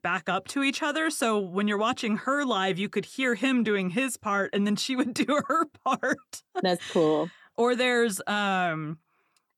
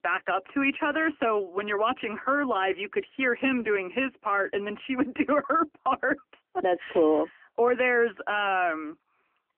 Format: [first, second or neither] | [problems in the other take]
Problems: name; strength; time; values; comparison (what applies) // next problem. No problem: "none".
first | phone-call audio; nothing above 3 kHz